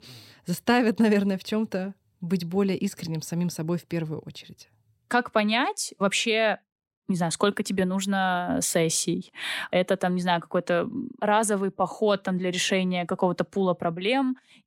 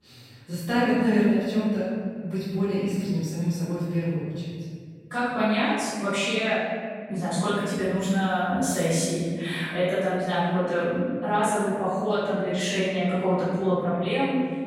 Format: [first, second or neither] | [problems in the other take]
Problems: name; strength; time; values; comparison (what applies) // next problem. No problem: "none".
first | room echo; strong; dies away in 2.2 s // off-mic speech; far